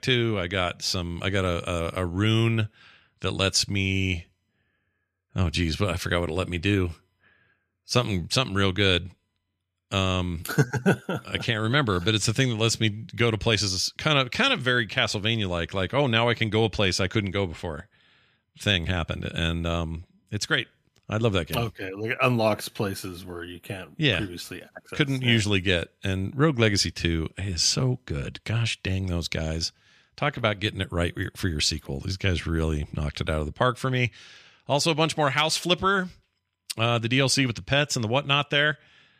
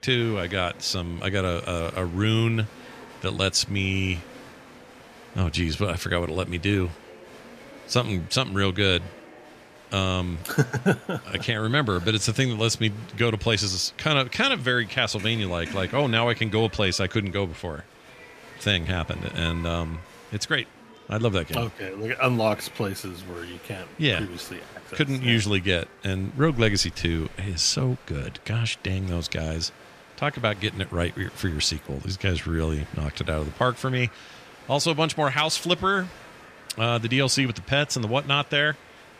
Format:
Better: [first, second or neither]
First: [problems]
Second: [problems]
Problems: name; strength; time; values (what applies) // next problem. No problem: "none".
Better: first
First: none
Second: crowd noise; faint; throughout; 20 dB below the speech